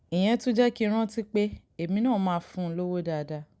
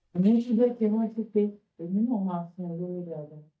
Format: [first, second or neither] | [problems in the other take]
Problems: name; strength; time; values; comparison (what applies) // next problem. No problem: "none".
first | noise reduction (neural mask model DeepFilterNet 3)